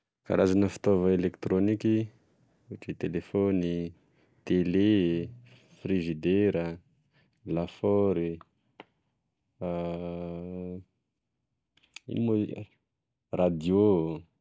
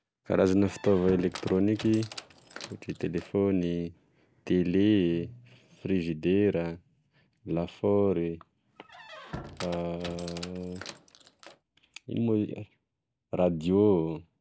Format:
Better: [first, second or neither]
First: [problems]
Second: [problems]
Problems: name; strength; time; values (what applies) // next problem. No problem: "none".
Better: first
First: none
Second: background sound (Squeak); 16 dB below the speech